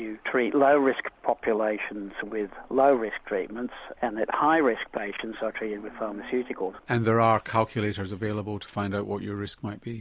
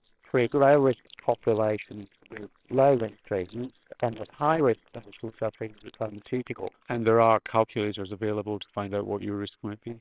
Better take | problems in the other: first | noise reduction (neural separator model SepFormer WHAMR!)

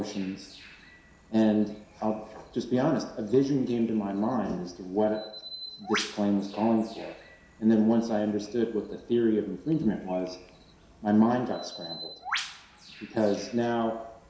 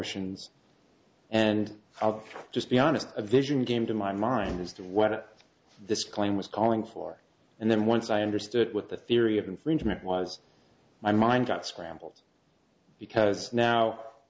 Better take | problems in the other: second | background sound (Bird); 16 dB below the speech // room echo; dies away in 0.7 s

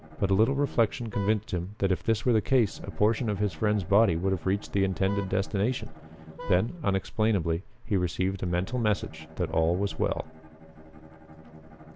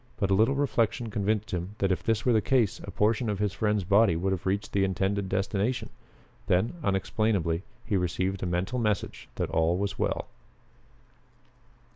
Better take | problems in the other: second | background sound (Bowed string instrument + Vehicle horn, car horn, honking); 18 dB below the speech

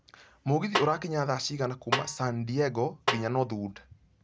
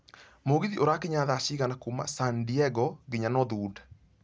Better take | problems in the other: second | background sound (Snare drum); 5 dB below the speech

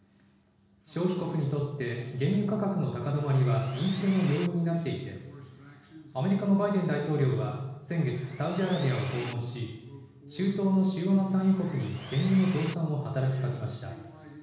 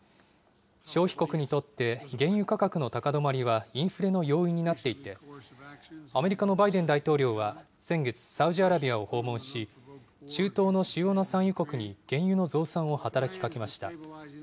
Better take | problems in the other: second | background sound (Sawing); 16 dB below the speech // room echo; dies away in 1.1 s

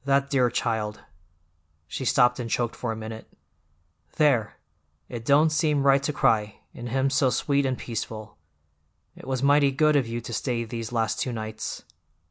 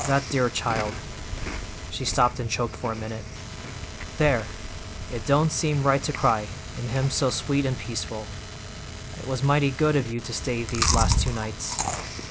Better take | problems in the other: first | background sound (Chewing, mastication); 4 dB below the speech

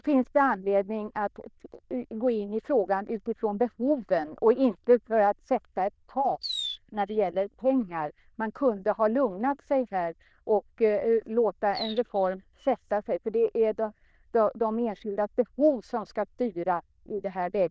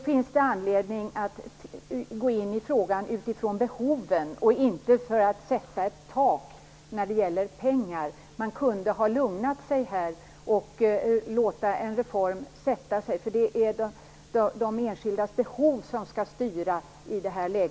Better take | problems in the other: second | noise reduction (neural diffusion model UNIVERSE++)

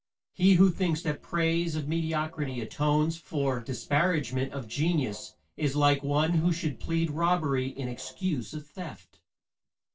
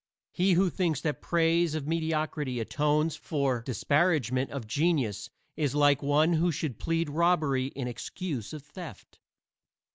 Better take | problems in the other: second | noise reduction (neural separator model SepFormer DNS4)

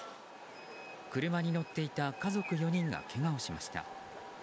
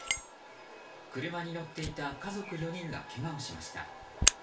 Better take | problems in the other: first | background sound (Fire); 2 dB above the speech // room echo; dies away in 0.3 s

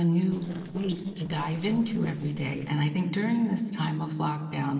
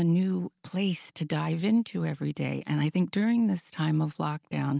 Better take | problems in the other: second | noise reduction (neural separator model SepFormer DNS4)

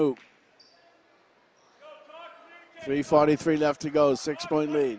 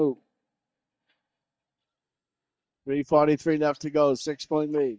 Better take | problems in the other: first | noise reduction (neural mask model DeepFilterNet 3)

